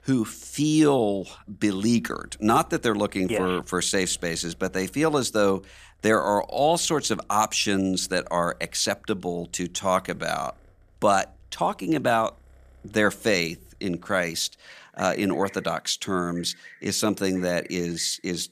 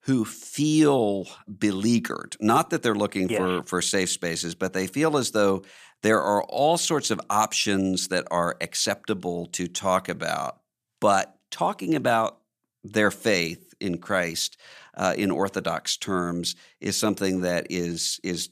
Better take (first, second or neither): second